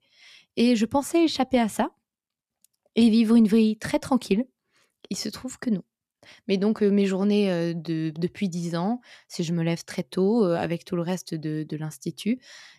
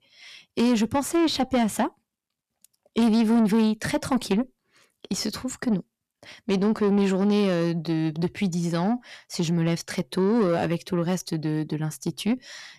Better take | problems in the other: first | distortion; slight; 10 dB below the speech

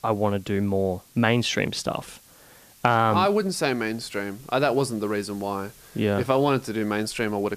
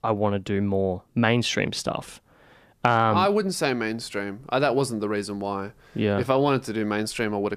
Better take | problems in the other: second | hiss; faint; throughout; 25 dB below the speech

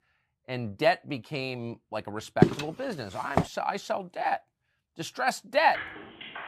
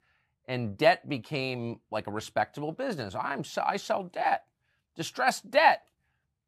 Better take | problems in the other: second | footsteps; loud; at 2.5 s; peak 6 dB above the speech // phone ringing; noticeable; at 5.5 s; peak 7 dB below the speech

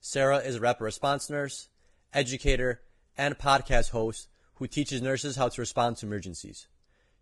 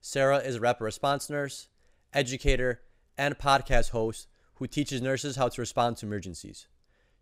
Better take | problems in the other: second | garbled, watery; badly; nothing above 10.5 kHz

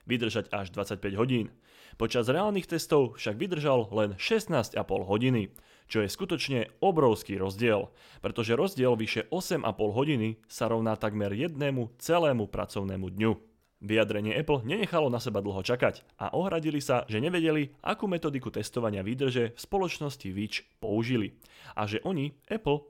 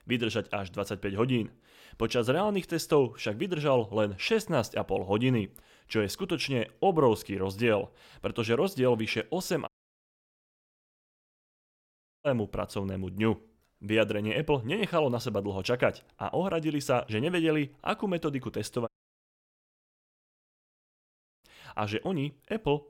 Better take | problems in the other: first | audio cutting out; at 9.5 s for 2.5 s and at 19 s for 2.5 s

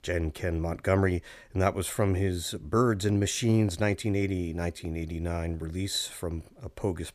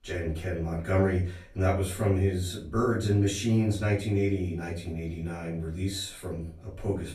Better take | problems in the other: first | off-mic speech; far // room echo; slight; dies away in 0.3 s

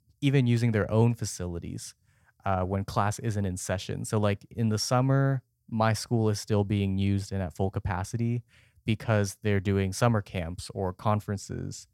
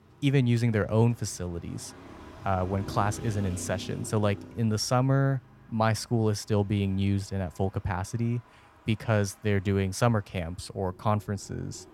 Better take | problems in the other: first | traffic noise; noticeable; throughout; 20 dB below the speech

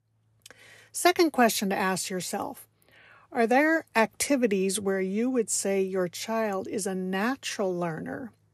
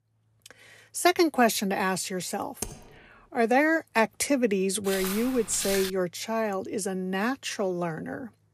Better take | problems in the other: first | keyboard typing; faint; at 2.5 s; peak 10 dB below the speech // footsteps; noticeable; from 5 to 6 s; peak 4 dB below the speech

